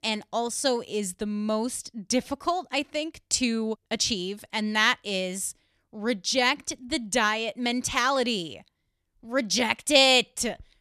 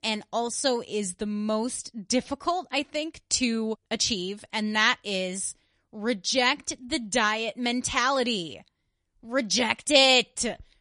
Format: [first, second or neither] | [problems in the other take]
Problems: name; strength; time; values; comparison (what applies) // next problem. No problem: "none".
first | garbled, watery; slightly; nothing above 10.5 kHz